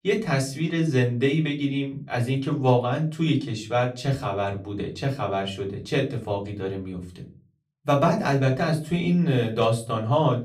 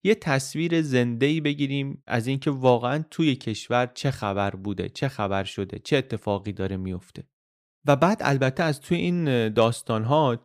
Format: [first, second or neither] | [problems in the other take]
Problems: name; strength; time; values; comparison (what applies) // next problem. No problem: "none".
second | off-mic speech; far // room echo; very slight; dies away in 0.3 s